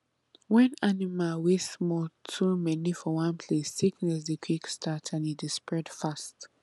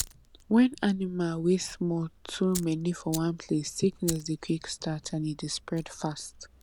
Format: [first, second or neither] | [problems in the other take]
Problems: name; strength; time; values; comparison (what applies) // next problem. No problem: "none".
first | background sound (Fire); 16 dB below the speech